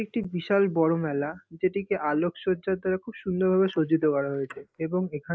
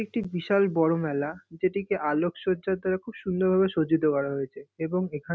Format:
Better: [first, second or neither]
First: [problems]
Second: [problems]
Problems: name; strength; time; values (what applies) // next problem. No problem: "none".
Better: second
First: noise reduction (neural mask model Resemble Enhance denoiser)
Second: none